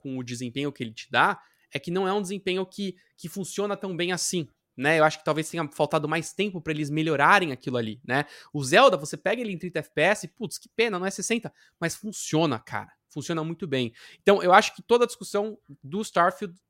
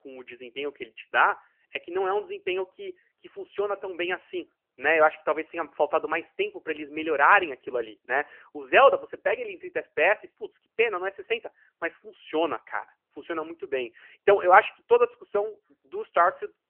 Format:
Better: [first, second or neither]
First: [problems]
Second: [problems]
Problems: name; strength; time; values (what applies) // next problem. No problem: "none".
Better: first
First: none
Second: phone-call audio; nothing above 3 kHz